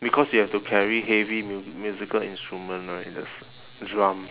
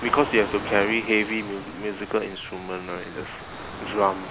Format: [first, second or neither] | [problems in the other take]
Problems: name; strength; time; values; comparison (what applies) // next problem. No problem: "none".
first | background sound (Waves, surf); 11 dB below the speech